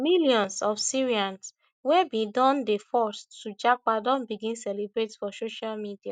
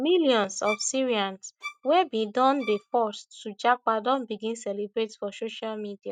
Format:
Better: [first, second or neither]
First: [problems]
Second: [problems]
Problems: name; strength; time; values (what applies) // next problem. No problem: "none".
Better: first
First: none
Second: noise reduction (neural mask model RNNoise)